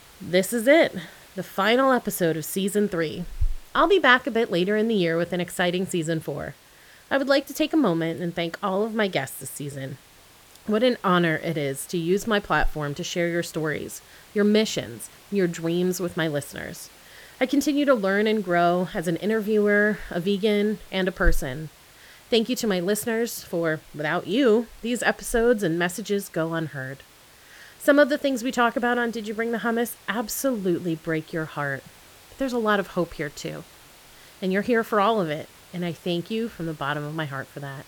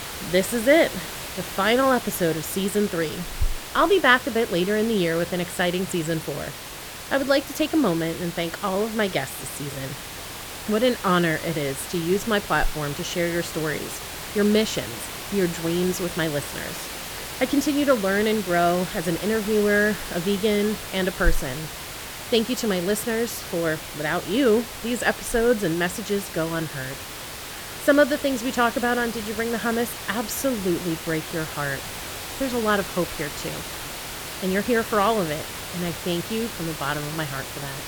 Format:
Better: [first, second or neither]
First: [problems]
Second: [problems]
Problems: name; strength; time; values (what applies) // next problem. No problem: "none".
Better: first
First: hiss; faint; throughout; 25 dB below the speech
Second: hiss; loud; throughout; 9 dB below the speech